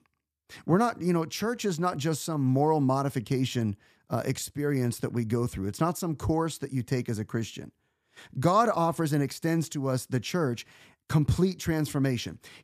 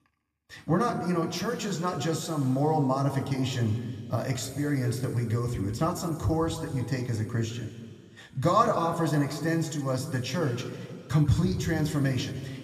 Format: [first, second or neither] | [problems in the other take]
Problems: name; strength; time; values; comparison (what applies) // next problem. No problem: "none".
first | room echo; noticeable; dies away in 2 s // off-mic speech; somewhat distant